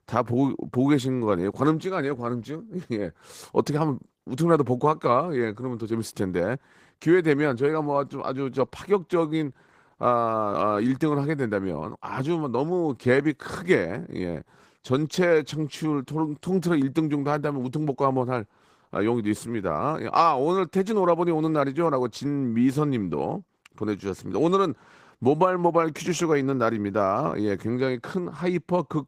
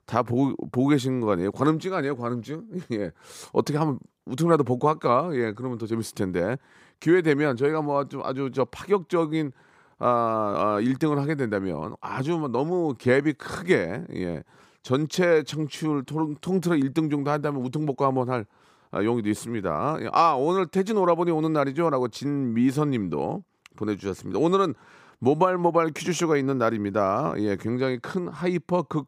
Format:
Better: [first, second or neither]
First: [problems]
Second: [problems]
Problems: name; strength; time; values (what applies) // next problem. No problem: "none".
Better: second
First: garbled, watery; slightly; nothing above 15.5 kHz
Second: none